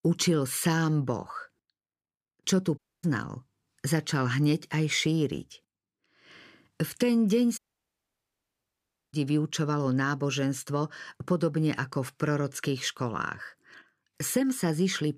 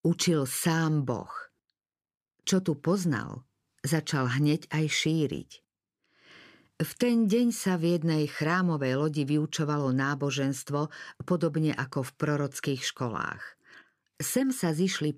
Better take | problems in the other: second | audio cutting out; at 3 s and at 7.5 s for 1.5 s

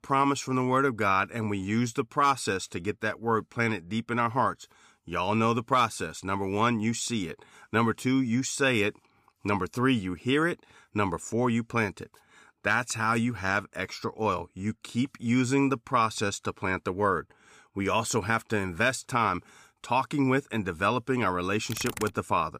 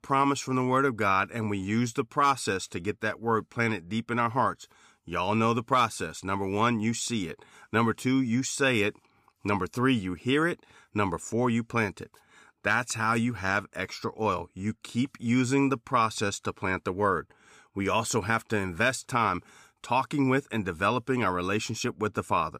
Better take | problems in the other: second | keyboard typing; noticeable; at 22 s; peak 8 dB below the speech

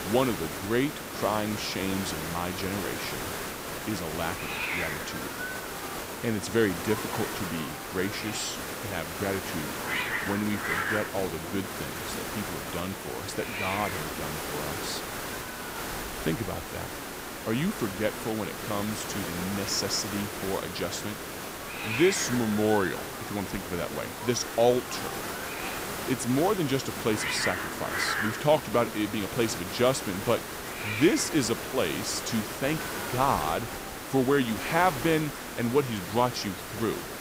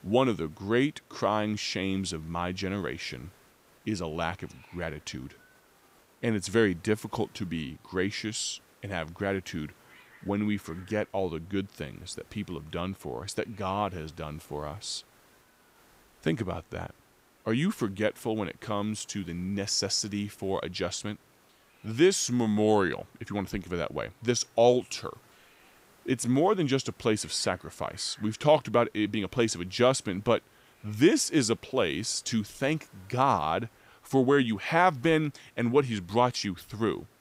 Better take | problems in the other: second | hiss; loud; throughout; 4 dB below the speech; faint in the second

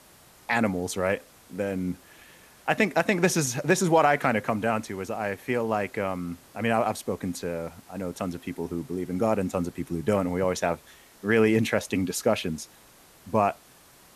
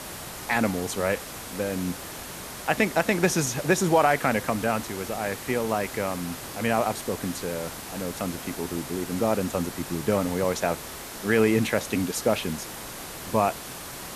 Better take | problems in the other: first | hiss; loud; throughout; 10 dB below the speech; faint in the first

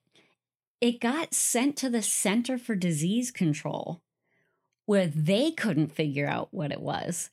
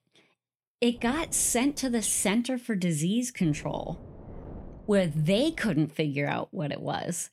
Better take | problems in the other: first | wind noise on the microphone; occasional gusts; from 1 to 2.5 s and from 3.5 to 5.5 s; 25 dB below the speech

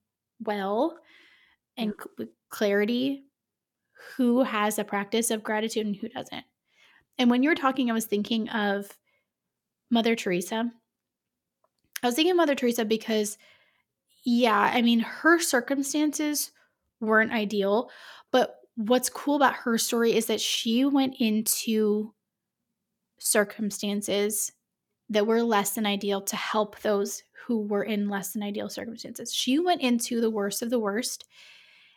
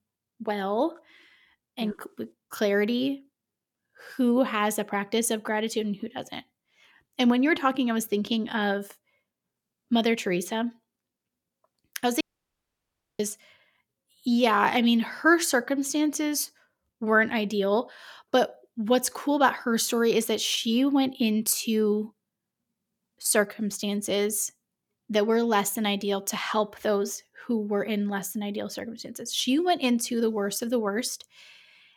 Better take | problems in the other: first | audio cutting out; at 12 s for 1 s

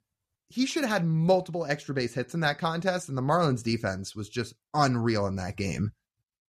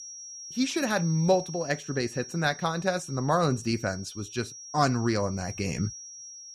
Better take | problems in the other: first | high-pitched whine; noticeable; throughout; 5.5 kHz, 10 dB below the speech

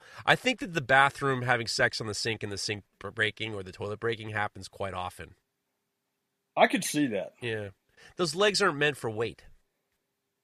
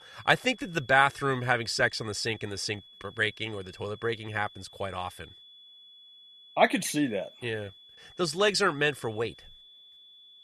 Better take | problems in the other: first | high-pitched whine; faint; throughout; 3.5 kHz, 20 dB below the speech

